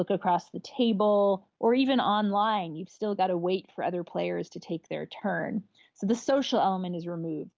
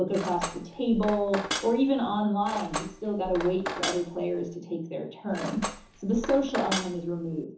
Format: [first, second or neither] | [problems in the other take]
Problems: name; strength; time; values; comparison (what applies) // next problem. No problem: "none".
first | background sound (Cutlery, silverware); 8 dB below the speech // room echo; dies away in 0.7 s